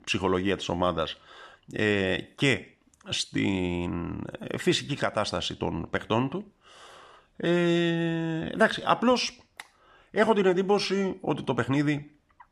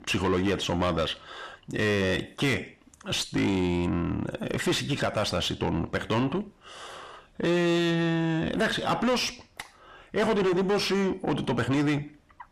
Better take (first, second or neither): first